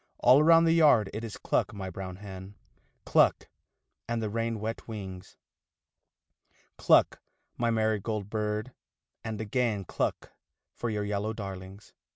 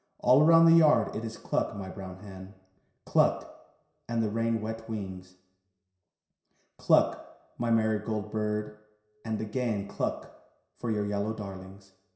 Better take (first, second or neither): first